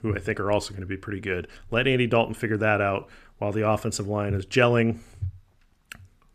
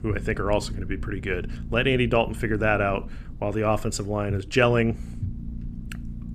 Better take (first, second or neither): first